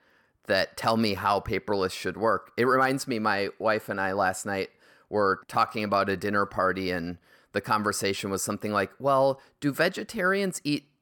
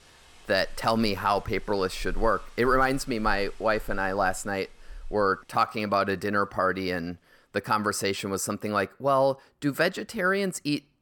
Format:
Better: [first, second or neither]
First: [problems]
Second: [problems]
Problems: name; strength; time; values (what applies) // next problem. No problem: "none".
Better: first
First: none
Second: rain or running water; faint; throughout; 20 dB below the speech